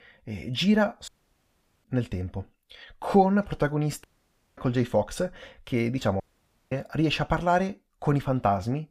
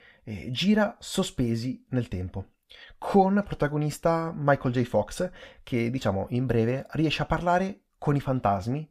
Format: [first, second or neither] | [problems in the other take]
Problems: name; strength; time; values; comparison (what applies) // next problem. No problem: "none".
second | audio cutting out; at 1 s for 1 s, at 4 s for 0.5 s and at 6 s for 0.5 s